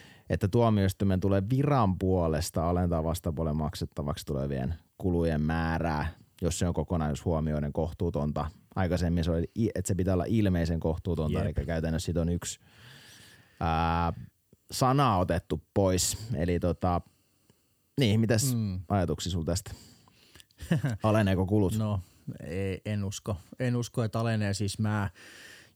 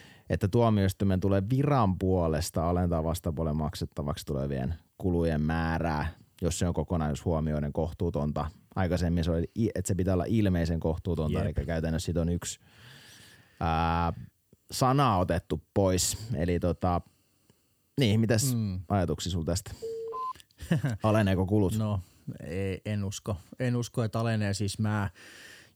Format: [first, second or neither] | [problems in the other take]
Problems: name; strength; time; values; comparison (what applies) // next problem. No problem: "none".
first | alarm; noticeable; at 20 s; peak 7 dB below the speech